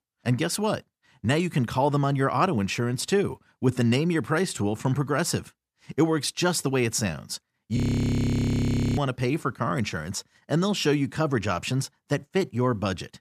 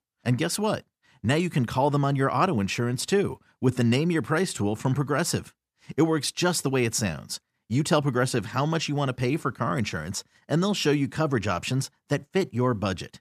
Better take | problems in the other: second | audio freezing; at 8 s for 1 s

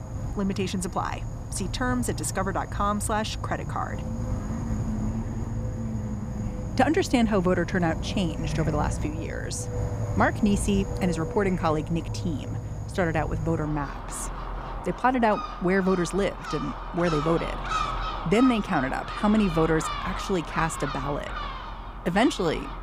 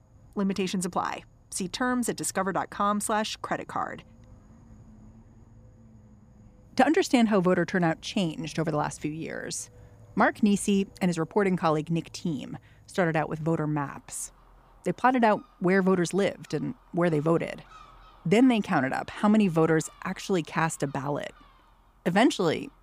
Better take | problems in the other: second | animal sounds; loud; throughout; 6 dB below the speech; faint in the second

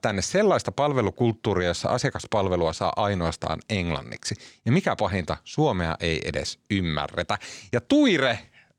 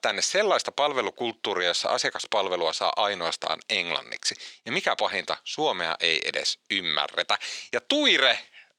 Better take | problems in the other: first | thin; somewhat; fading below 500 Hz

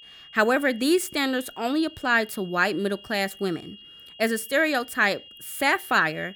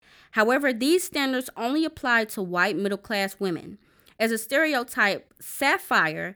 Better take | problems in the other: second | high-pitched whine; faint; throughout; 3 kHz, 20 dB below the speech

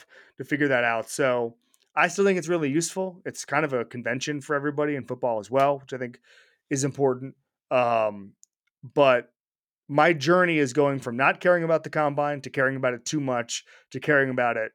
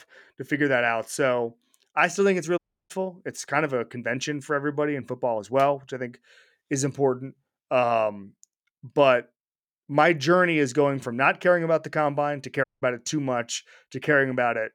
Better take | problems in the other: first | audio cutting out; at 2.5 s and at 13 s

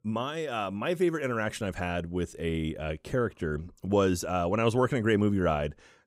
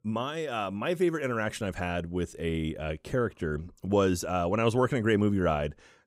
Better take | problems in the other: neither | none

